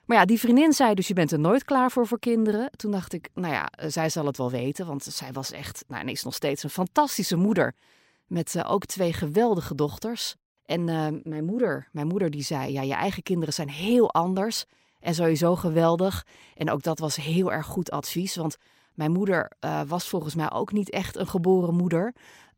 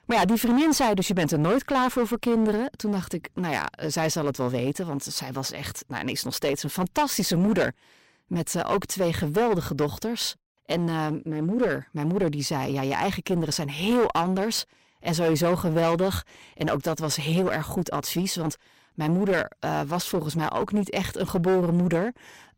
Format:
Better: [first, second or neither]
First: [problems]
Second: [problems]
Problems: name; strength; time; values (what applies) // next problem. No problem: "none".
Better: first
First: none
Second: distortion; heavy; 12% of the sound clipped